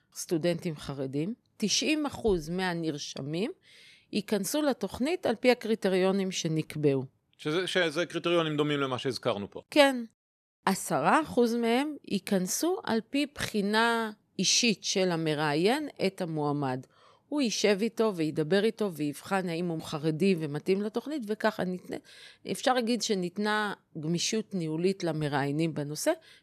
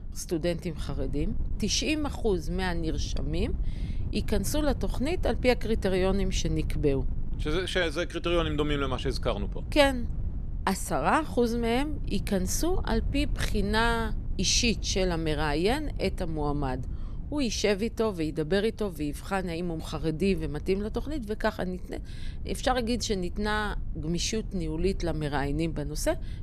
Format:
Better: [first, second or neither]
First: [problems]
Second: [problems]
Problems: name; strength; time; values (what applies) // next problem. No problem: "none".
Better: first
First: none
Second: wind noise on the microphone; occasional gusts; 20 dB below the speech